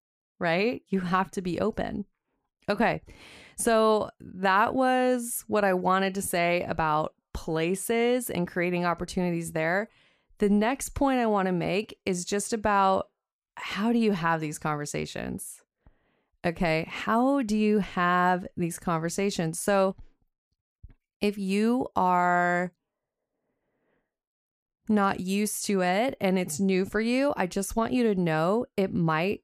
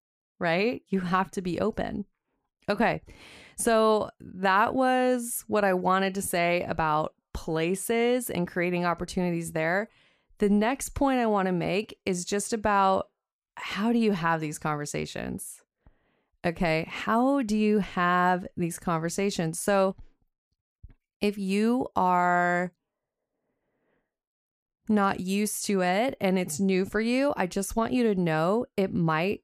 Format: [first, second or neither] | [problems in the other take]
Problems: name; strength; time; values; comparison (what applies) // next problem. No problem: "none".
neither | none